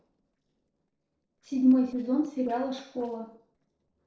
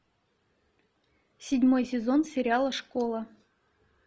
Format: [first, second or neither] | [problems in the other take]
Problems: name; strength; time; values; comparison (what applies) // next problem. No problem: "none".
second | noise reduction (neural separator model SepFormer DNS4)